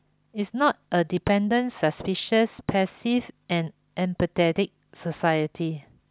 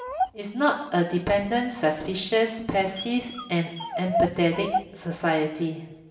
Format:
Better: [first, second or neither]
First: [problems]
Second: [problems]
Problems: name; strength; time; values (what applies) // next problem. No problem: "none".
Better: first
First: none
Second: background sound (Dog); 7 dB below the speech // room echo; dies away in 1 s